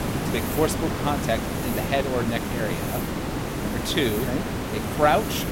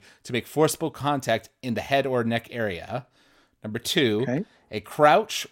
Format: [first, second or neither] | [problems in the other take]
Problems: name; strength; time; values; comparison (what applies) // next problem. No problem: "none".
second | hiss; loud; throughout; 1 dB below the speech